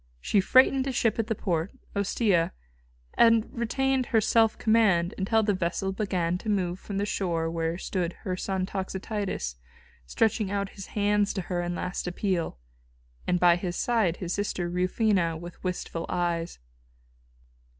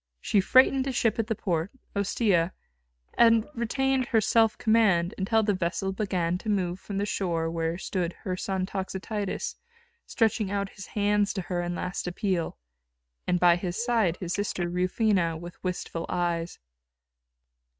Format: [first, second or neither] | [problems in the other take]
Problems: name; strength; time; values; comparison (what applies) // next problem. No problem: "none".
first | noise reduction (neural mask model RNNoise)